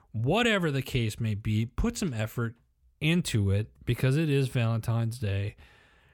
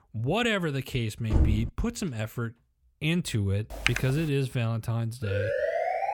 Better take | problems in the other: first | door banging; loud; at 1.5 s; peak 3 dB above the speech // keyboard typing; loud; at 3.5 s; peak 1 dB above the speech // siren; loud; at 5 s; peak 2 dB above the speech

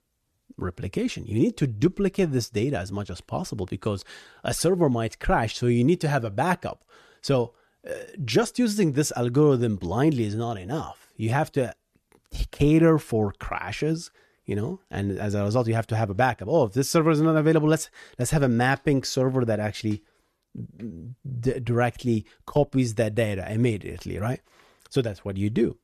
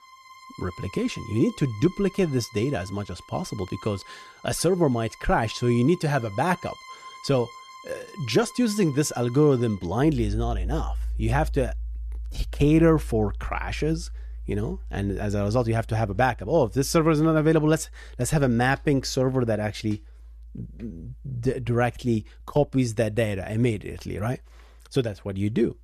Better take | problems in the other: first | background music; noticeable; throughout; 15 dB below the speech

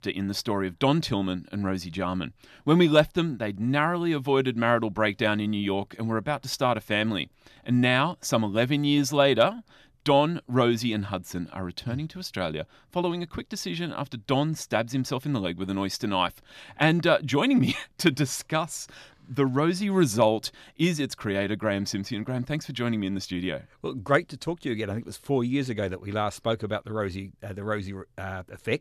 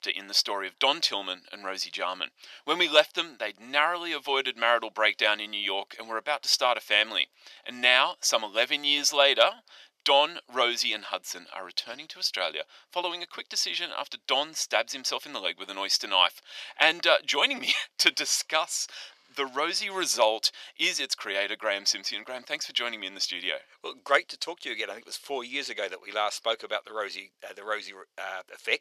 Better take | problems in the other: first | thin; very; fading below 550 Hz

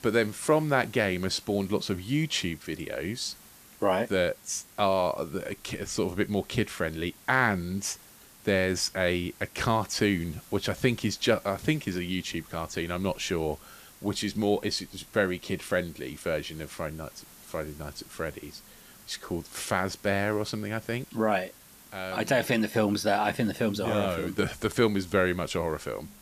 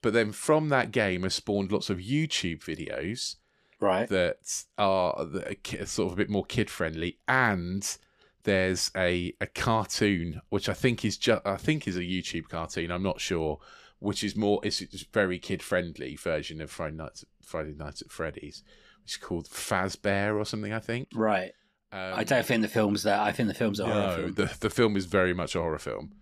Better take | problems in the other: second | hiss; faint; throughout; 20 dB below the speech

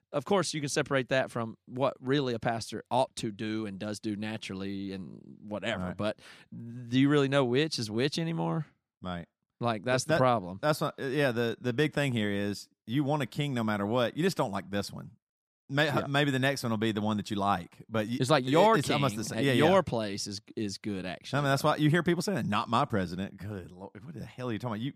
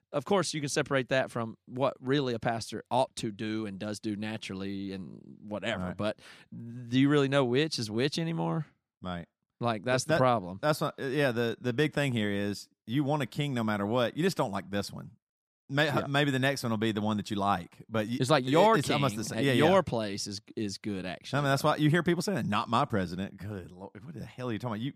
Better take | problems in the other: neither | none

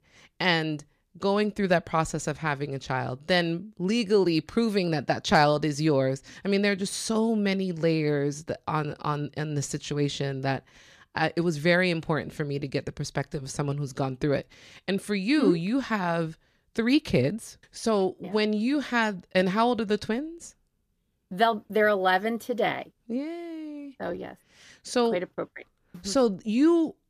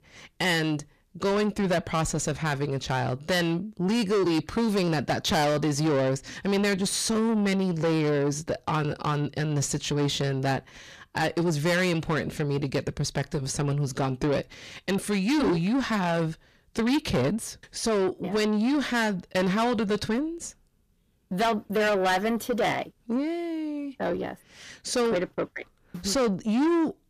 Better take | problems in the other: first | distortion; heavy; 7 dB below the speech

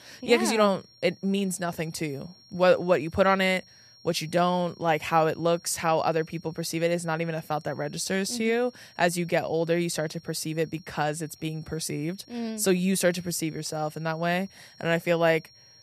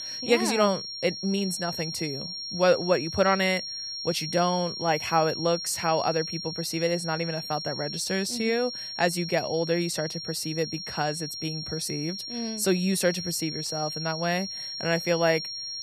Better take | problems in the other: first | high-pitched whine; loud; throughout; 5.5 kHz, 6 dB below the speech; faint in the first

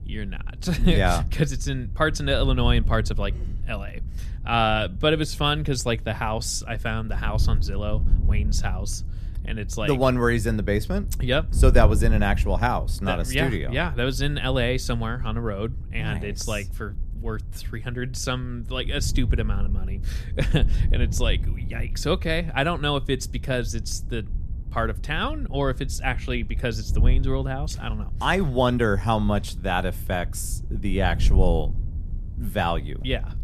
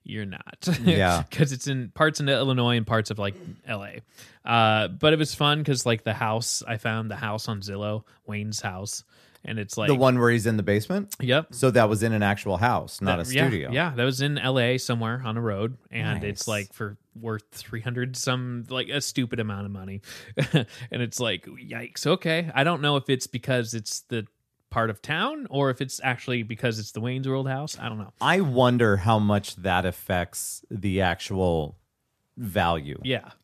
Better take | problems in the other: second | wind noise on the microphone; occasional gusts; 20 dB below the speech

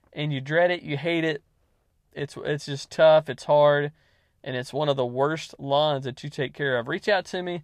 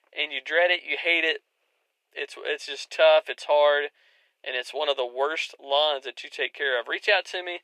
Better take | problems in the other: first | thin; very; fading below 400 Hz

